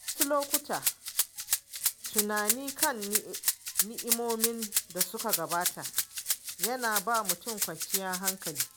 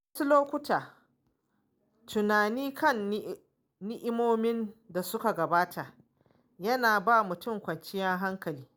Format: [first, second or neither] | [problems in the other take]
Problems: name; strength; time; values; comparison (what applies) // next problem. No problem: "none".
second | background sound (Rattle (instrument)); 3 dB above the speech